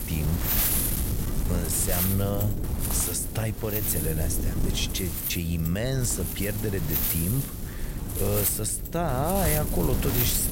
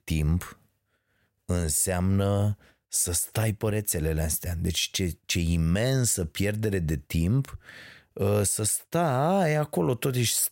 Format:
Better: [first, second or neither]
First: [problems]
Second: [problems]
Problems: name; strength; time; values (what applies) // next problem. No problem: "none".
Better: second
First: wind noise on the microphone; heavy; 3 dB below the speech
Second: none